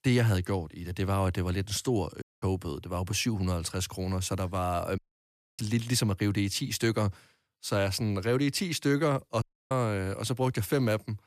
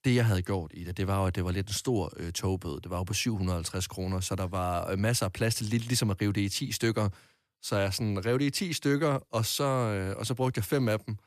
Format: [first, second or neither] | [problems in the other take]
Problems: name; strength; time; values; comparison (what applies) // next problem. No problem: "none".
second | audio cutting out; at 2 s, at 5 s for 0.5 s and at 9.5 s